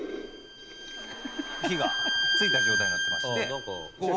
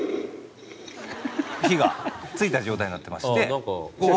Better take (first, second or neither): second